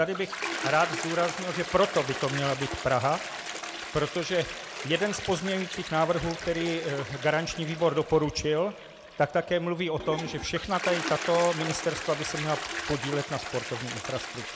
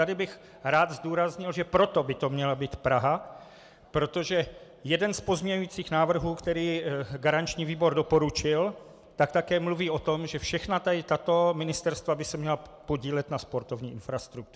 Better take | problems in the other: second | background sound (Toilet flush); 8 dB below the speech

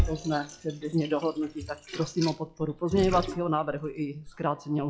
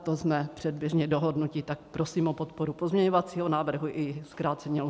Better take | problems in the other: second | noise reduction (classical method log-MMSE)

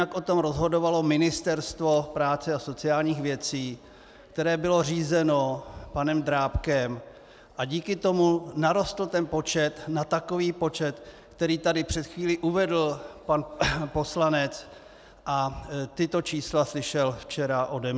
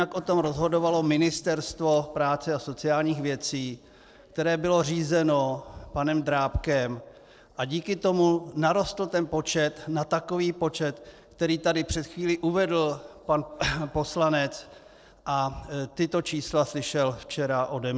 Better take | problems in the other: first | noise reduction (neural separator model SepFormer DNS4)

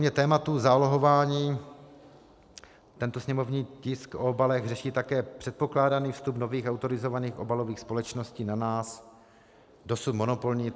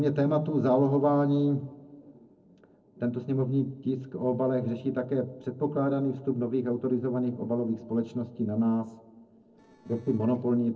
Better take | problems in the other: first | noise reduction (neural separator model SepFormer DNS4)

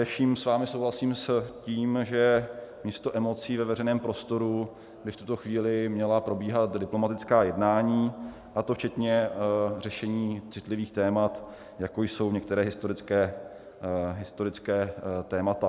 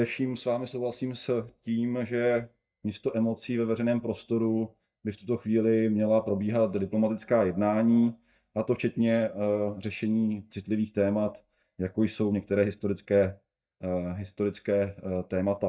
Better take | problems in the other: first | noise reduction (neural mask model DeepFilterNet 3)

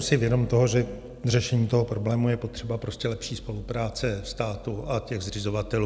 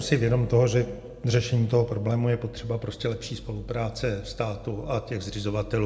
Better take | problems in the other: first | room echo; dies away in 0.5 s

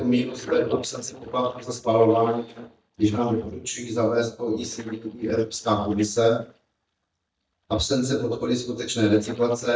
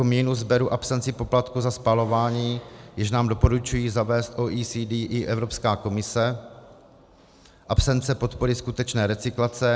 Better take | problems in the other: second | noise reduction (neural mask model DeepFilterNet 3)

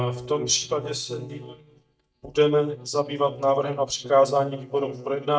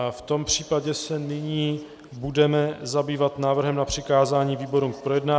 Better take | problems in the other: second | noise reduction (neural mask model DeepFilterNet 3)

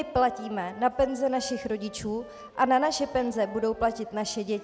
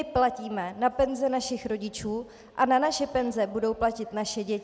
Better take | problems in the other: second | background sound (Wind instrument, woodwind instrument); 19 dB below the speech

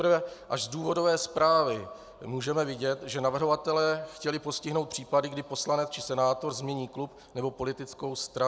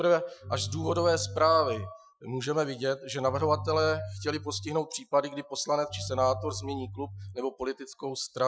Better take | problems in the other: first | noise reduction (classical method Wiener filter)

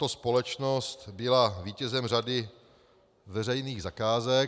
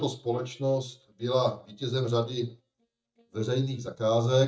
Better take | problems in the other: first | noise reduction (neural mask model DeepFilterNet 3)

